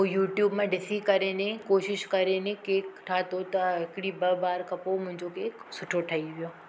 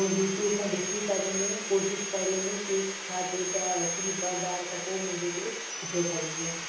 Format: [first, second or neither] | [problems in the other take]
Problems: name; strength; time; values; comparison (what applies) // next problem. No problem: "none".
first | background sound (Sawing); 2 dB below the speech // room echo; dies away in 0.7 s